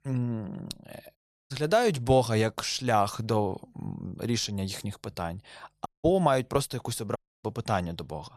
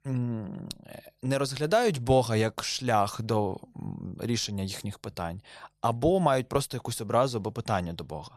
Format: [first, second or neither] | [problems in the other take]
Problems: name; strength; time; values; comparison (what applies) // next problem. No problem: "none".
second | audio cutting out; at 1 s, at 6 s and at 7 s